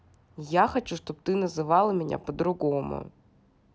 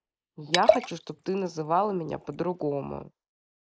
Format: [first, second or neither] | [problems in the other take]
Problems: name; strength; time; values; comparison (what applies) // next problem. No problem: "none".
first | noise reduction (neural mask model Resemble Enhance denoiser)